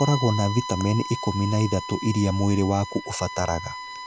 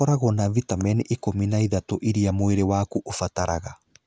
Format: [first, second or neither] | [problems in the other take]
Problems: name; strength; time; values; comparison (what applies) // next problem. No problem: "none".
second | background sound (Bowed string instrument); 10 dB below the speech